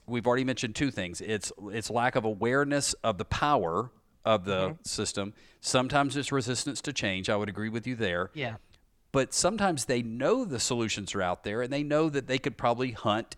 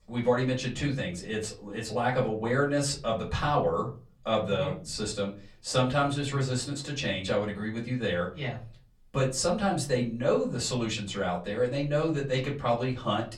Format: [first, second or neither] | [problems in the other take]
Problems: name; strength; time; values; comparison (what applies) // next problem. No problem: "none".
first | off-mic speech; far // room echo; very slight; dies away in 0.4 s